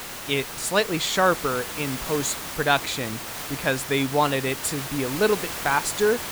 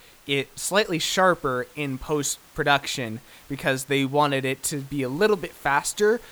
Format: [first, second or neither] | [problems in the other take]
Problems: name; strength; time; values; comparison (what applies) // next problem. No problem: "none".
second | hiss; loud; throughout; 7 dB below the speech; faint in the second